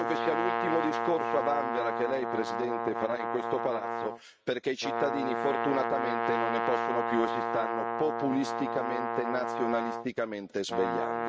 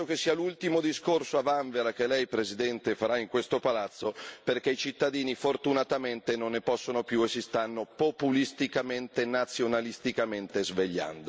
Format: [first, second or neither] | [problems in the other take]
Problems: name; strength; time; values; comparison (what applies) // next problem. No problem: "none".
second | noise reduction (neural mask model RNNoise)